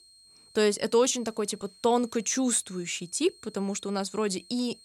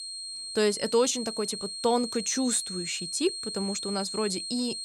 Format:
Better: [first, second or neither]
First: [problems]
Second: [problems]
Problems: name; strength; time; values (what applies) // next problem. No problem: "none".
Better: first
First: high-pitched whine; faint; throughout; 4 kHz, 25 dB below the speech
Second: high-pitched whine; loud; throughout; 4 kHz, 5 dB below the speech